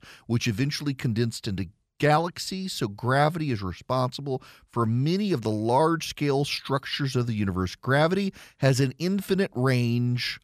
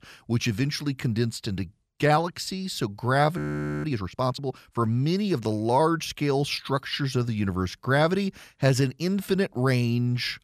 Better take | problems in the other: first | audio freezing; at 3.5 s

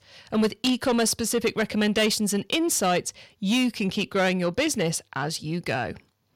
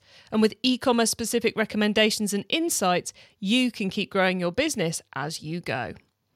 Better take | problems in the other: second | distortion; slight; 10 dB below the speech

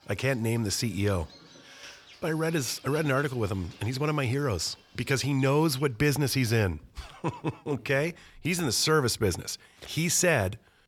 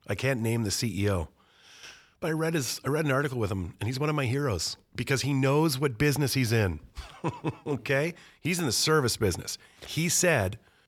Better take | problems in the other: second | animal sounds; faint; throughout; 25 dB below the speech

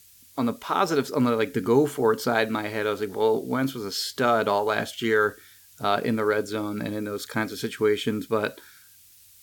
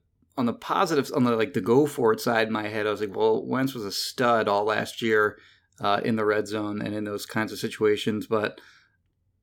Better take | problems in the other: second | hiss; faint; throughout; 25 dB below the speech

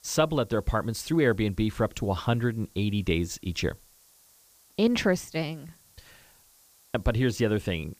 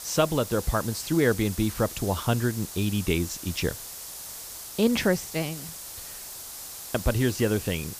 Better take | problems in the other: first | hiss; loud; throughout; 10 dB below the speech; faint in the first

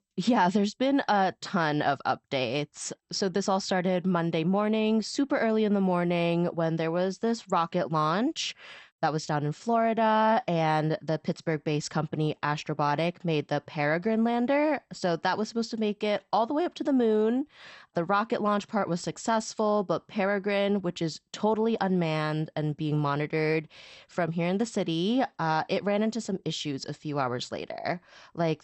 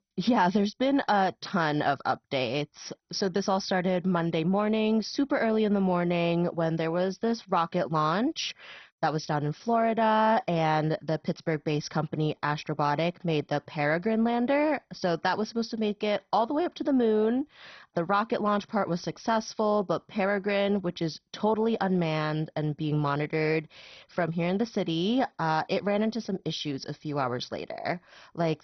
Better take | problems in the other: first | garbled, watery; badly; nothing above 6 kHz; slightly in the first

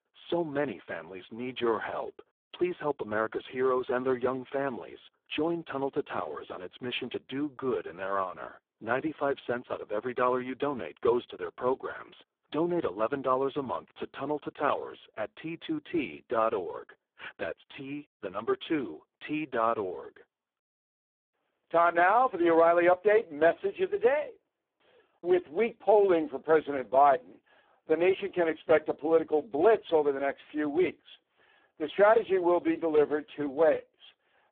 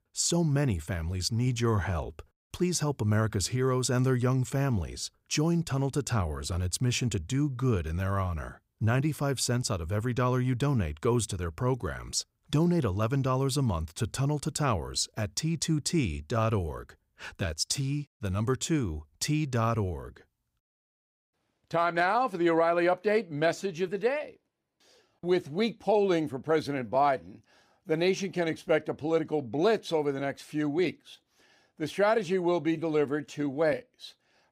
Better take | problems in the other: second | phone-call audio; poor line

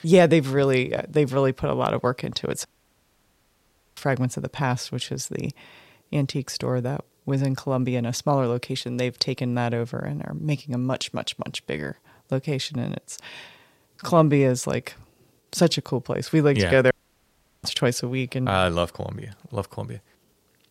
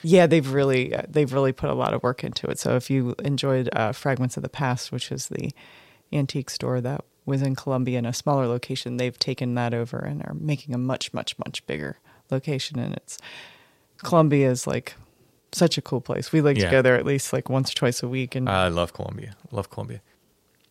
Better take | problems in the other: second | audio cutting out; at 2.5 s for 1.5 s and at 17 s for 0.5 s

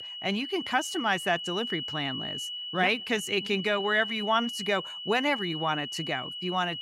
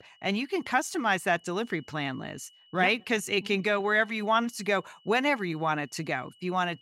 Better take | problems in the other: second | high-pitched whine; loud; throughout; 3 kHz, 6 dB below the speech; faint in the second

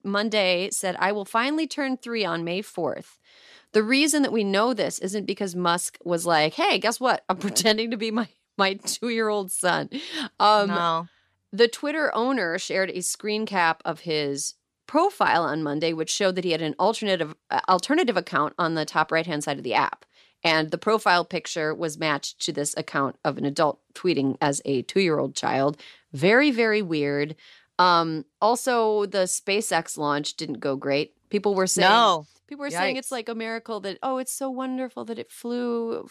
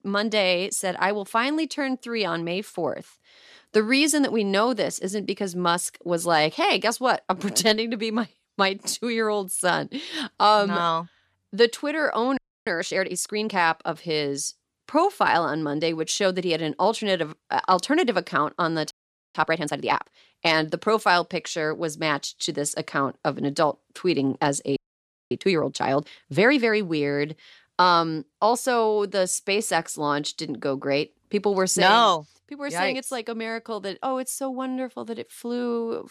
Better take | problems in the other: first | audio freezing; at 12 s, at 19 s and at 25 s for 0.5 s

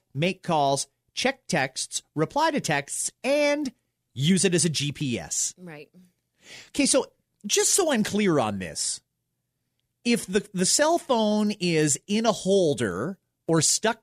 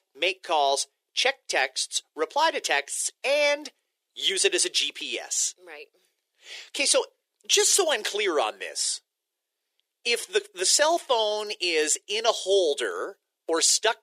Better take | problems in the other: first | thin; very; fading below 400 Hz

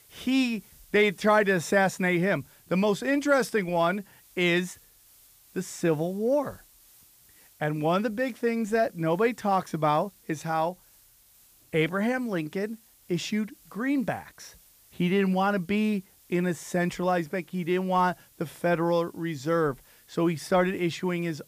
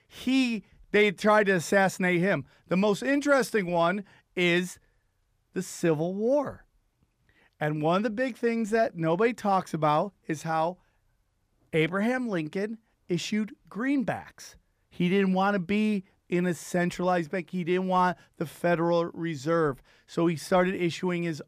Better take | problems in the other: second | hiss; faint; throughout; 30 dB below the speech

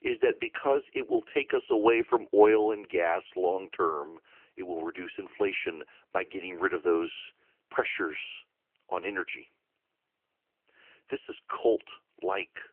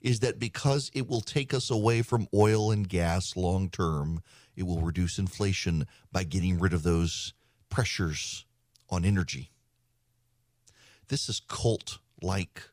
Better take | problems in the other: second | phone-call audio; nothing above 3 kHz

